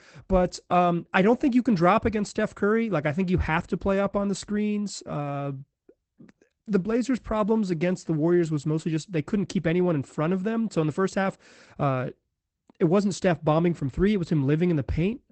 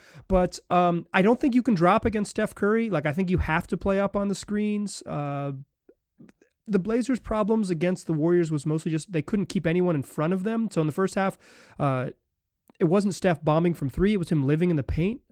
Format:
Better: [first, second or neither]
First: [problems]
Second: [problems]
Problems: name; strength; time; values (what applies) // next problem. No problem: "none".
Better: second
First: garbled, watery; badly; nothing above 8 kHz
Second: garbled, watery; slightly